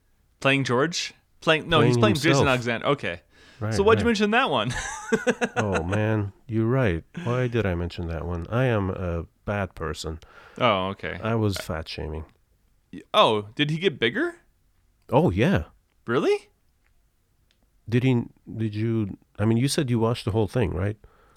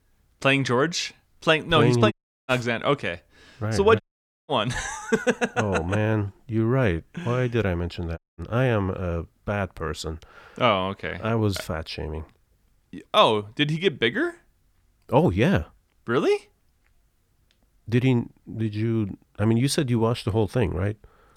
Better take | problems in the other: first | audio cutting out; at 2 s, at 4 s and at 8 s

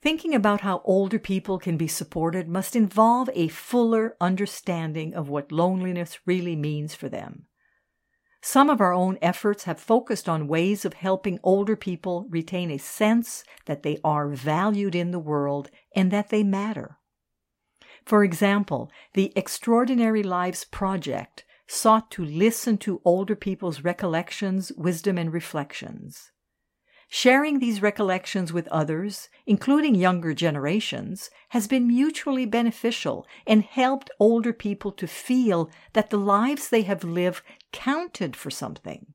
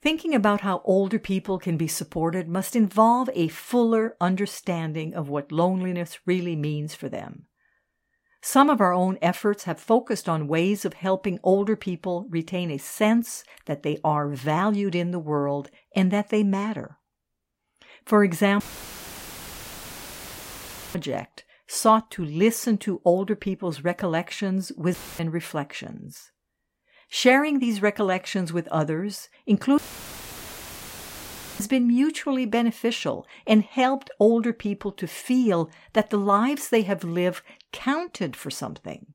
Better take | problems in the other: first | audio cutting out; filled with static; at 19 s for 2.5 s, at 25 s and at 30 s for 2 s

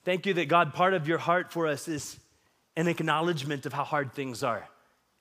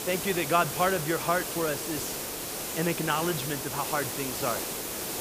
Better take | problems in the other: first | hiss; loud; throughout; 2 dB below the speech

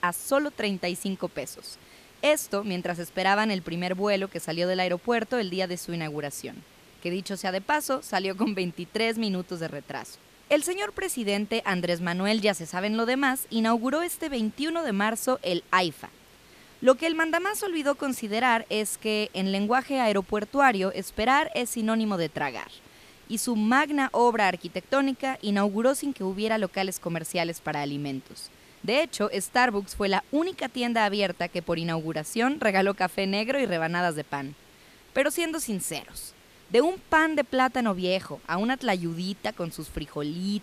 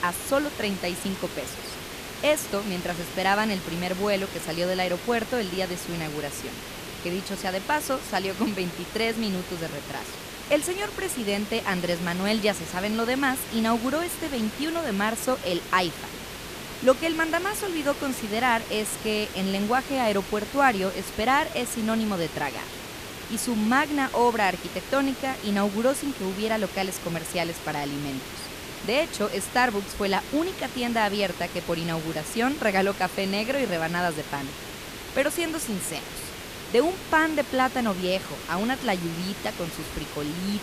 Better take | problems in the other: first | hiss; loud; throughout; 9 dB below the speech; faint in the first

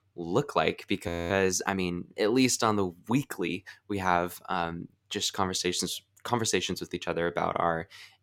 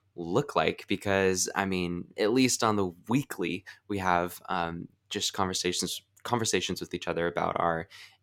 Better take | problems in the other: second | audio freezing; at 1 s

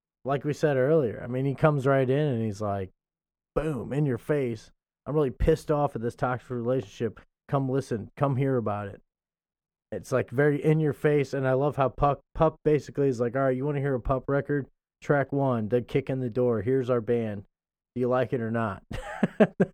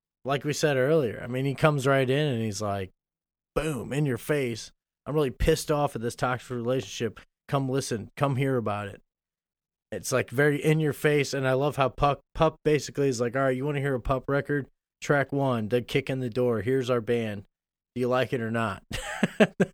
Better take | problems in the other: second | muffled; slightly; fading above 2 kHz

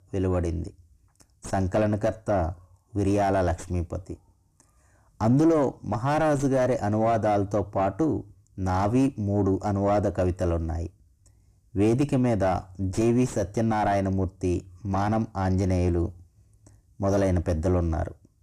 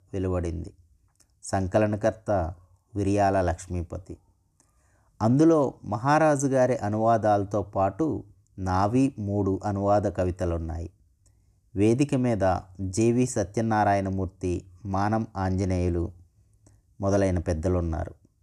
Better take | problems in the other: second | distortion; slight; 8 dB below the speech

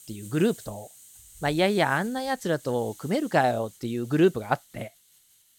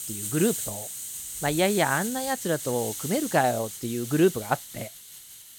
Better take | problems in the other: first | hiss; loud; throughout; 7 dB below the speech; faint in the first

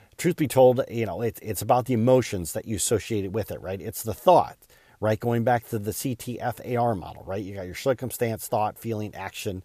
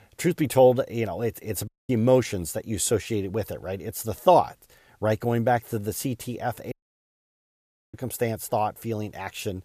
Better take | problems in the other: first | audio cutting out; at 1.5 s and at 6.5 s for 1 s

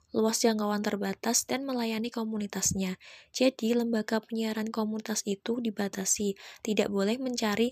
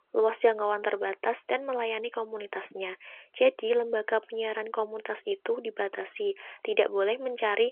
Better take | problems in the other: first | phone-call audio; nothing above 3.5 kHz

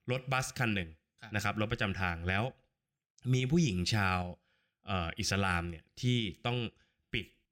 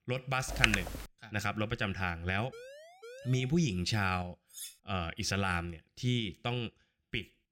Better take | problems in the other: first | keyboard typing; loud; at 0.5 s; peak 5 dB above the speech // siren; faint; from 2.5 to 3.5 s; peak 15 dB below the speech // clattering dishes; faint; at 4.5 s; peak 10 dB below the speech

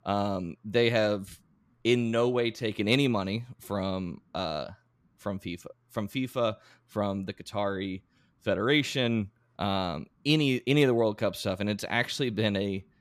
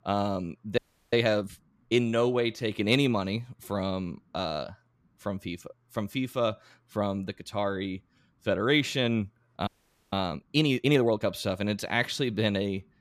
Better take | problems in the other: first | audio freezing; at 1 s and at 9.5 s

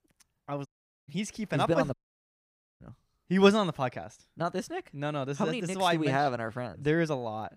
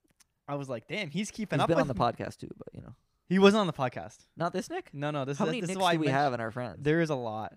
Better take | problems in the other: second | audio cutting out; at 0.5 s and at 2 s for 1 s

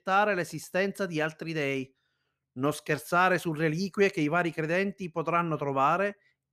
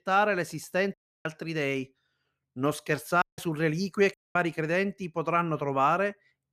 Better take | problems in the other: first | audio cutting out; at 1 s, at 3 s and at 4 s

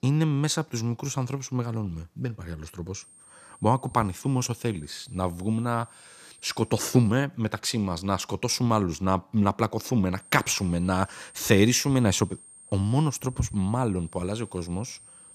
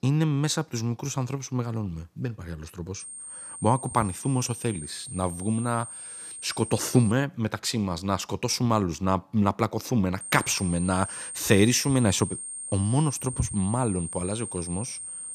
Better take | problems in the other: first | high-pitched whine; loud; from 3 to 7 s and from 10 s on; 8.5 kHz, 9 dB below the speech; faint in the first

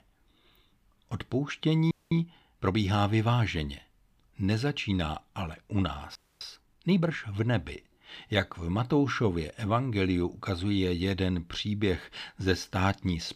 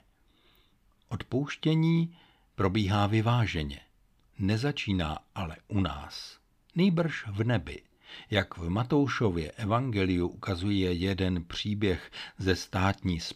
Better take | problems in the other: second | audio freezing; at 2 s and at 6 s

